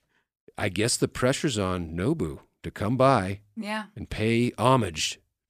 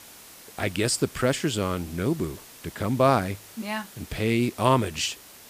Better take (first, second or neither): first